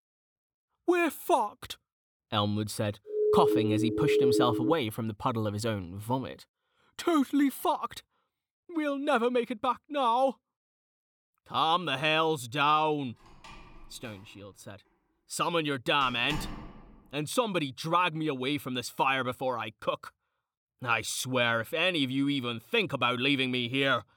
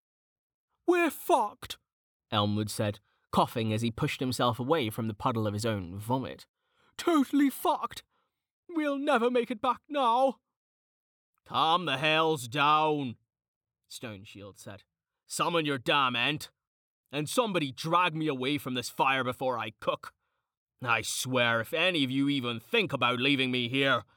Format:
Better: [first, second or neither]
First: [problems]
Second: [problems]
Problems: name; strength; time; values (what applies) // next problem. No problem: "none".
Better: second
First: siren; loud; from 3 to 4.5 s; peak 4 dB above the speech // door banging; faint; from 13 to 17 s; peak 10 dB below the speech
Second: none